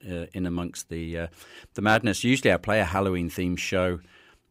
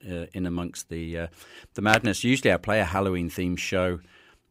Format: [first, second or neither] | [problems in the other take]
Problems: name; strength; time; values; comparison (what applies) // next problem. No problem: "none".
first | keyboard typing; very faint; at 2 s; peak 3 dB below the speech